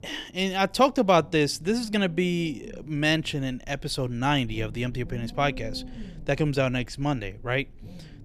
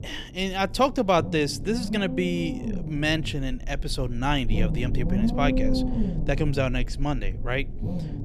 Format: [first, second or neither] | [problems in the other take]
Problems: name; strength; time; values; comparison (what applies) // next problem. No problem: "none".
first | low rumble; loud; throughout; 8 dB below the speech; faint in the first